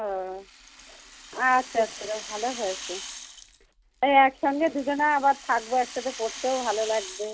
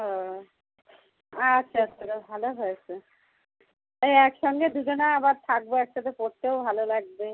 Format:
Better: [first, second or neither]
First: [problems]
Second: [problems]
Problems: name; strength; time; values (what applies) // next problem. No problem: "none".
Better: second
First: background sound (Rattle (instrument)); 15 dB below the speech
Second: none